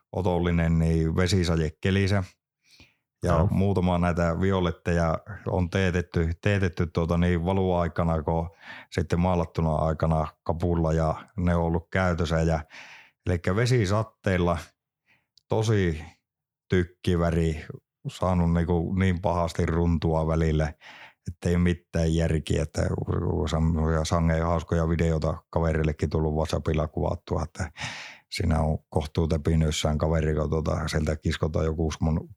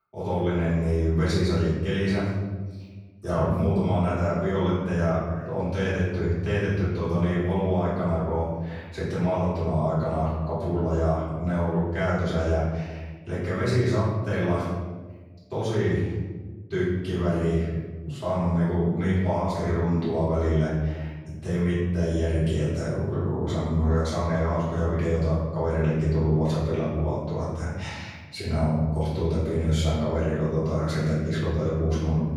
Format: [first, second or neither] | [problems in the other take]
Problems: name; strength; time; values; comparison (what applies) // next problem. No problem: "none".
first | room echo; noticeable; dies away in 1.3 s // off-mic speech; far